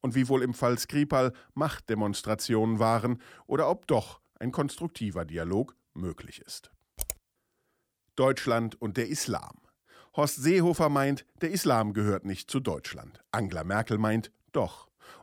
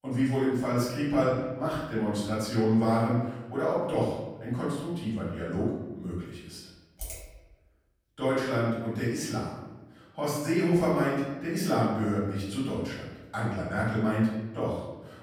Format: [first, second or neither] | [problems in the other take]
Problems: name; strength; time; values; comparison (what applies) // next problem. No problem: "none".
first | room echo; noticeable; dies away in 1 s // off-mic speech; far